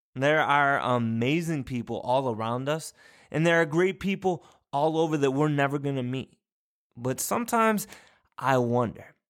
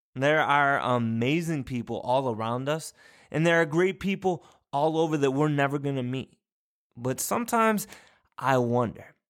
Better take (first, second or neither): neither